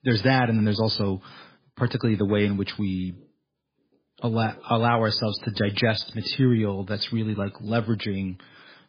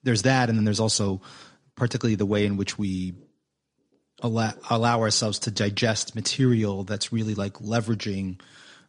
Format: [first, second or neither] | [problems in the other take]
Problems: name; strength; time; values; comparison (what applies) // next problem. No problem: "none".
second | garbled, watery; badly; nothing above 5 kHz; slightly in the second